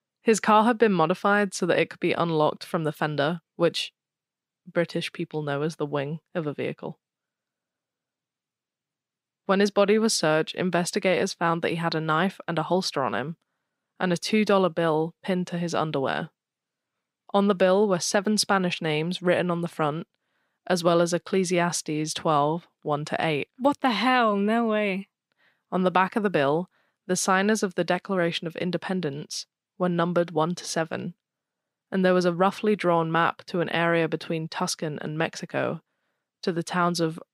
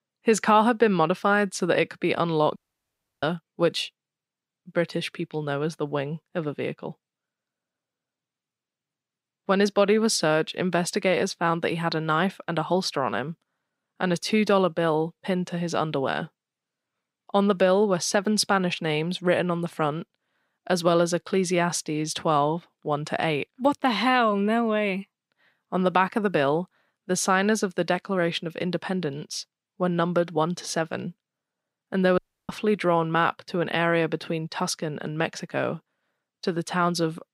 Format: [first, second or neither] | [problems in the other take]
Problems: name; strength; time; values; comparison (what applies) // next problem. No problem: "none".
first | audio cutting out; at 2.5 s for 0.5 s and at 32 s